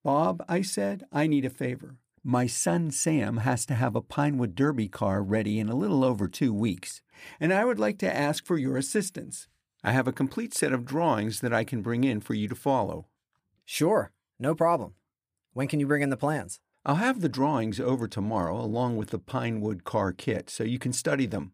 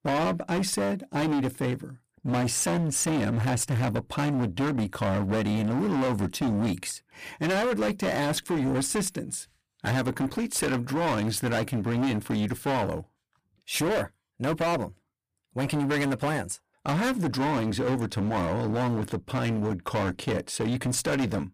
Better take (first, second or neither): first